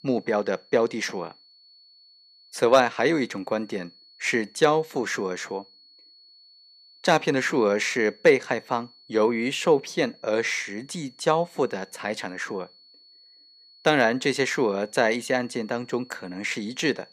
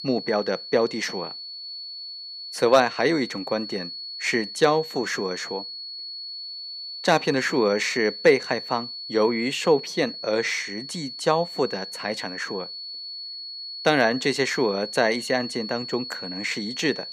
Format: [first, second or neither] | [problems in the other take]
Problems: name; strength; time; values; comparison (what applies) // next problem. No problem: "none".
first | high-pitched whine; loud; throughout; 4.5 kHz, 9 dB below the speech; faint in the first